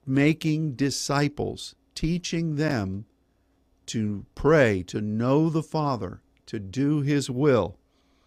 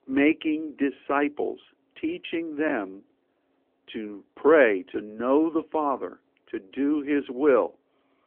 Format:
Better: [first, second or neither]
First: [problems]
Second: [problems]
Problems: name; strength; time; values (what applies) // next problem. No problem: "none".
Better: first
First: none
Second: phone-call audio; nothing above 3.5 kHz